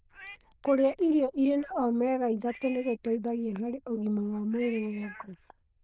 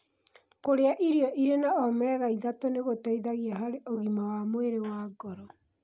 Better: second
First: noise reduction (neural diffusion model UNIVERSE++)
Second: none

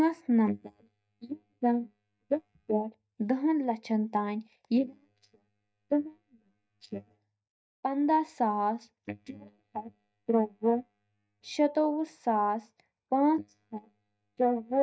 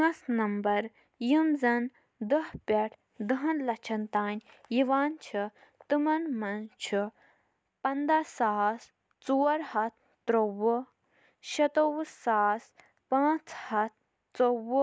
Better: second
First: noise reduction (neural mask model DeepFilterNet 3)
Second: none

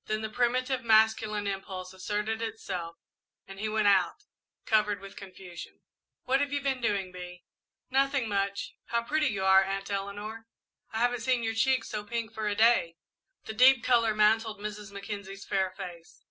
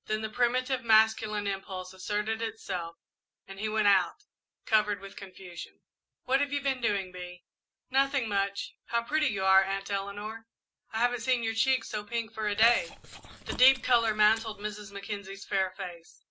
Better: first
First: none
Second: background sound (Chewing, mastication); 13 dB below the speech

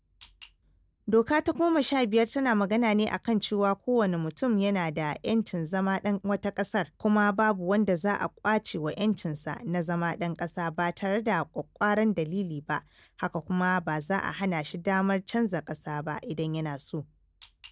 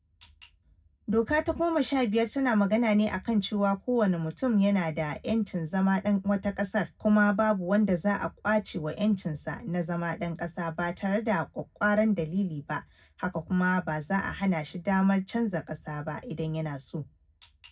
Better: first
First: none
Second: room echo; dies away in 0.4 s

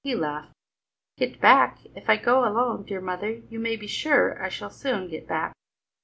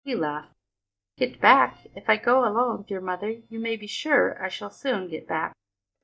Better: first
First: none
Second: noise reduction (neural mask model DeepFilterNet 3)

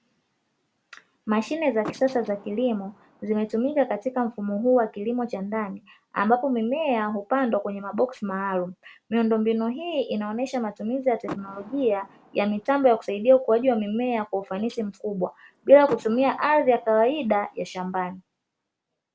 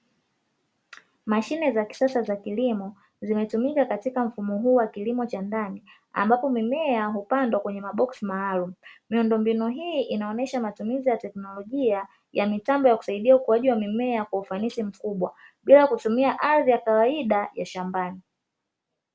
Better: second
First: background sound (Door / Car); 19 dB below the speech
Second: none

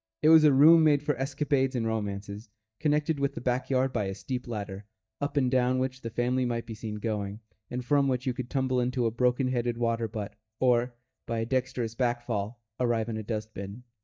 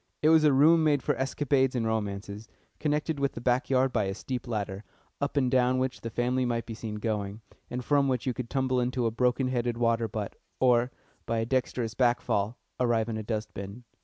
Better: second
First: noise reduction (neural mask model DeepFilterNet 3)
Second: none

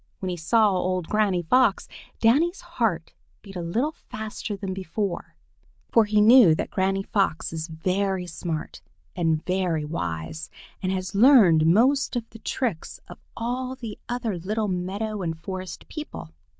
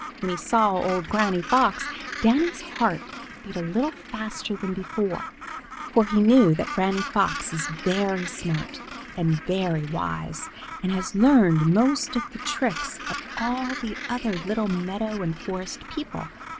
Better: first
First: none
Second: background sound (Gull, seagull); 11 dB below the speech

